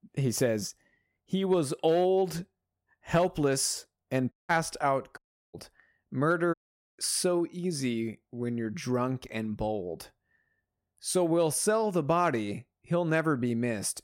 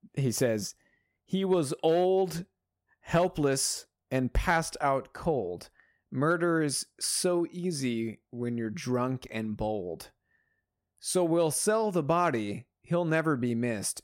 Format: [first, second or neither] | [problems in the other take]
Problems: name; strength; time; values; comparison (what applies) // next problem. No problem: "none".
second | audio cutting out; at 4.5 s, at 5 s and at 6.5 s